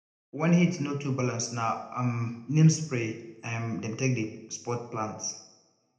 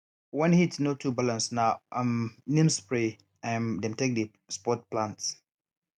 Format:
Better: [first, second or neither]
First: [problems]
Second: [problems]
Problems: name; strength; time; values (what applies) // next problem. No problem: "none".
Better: second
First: room echo; dies away in 0.8 s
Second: none